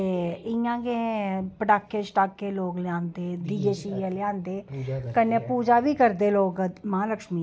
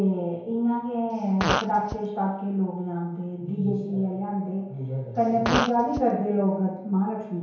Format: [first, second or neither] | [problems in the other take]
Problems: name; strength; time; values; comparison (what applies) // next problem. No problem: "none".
first | background sound (Fart); 5 dB below the speech // room echo; dies away in 1 s